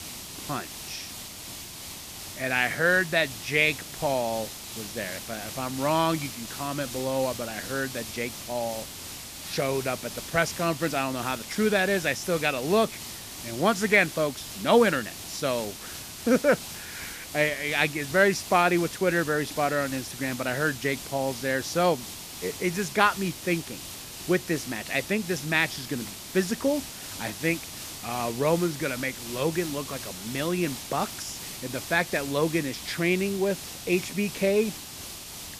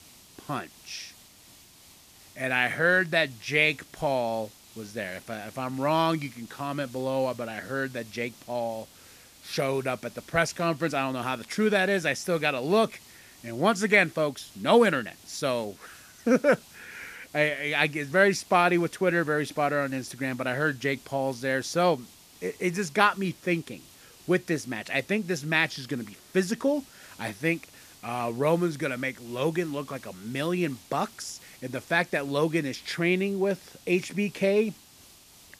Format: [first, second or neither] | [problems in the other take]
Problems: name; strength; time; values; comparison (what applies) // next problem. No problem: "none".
second | hiss; loud; throughout; 10 dB below the speech; faint in the second